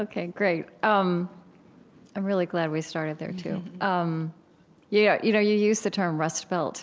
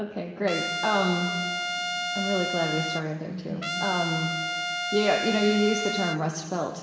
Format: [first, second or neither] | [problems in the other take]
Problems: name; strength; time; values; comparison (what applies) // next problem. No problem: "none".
first | background sound (Trumpet); 2 dB below the speech // room echo; dies away in 1.9 s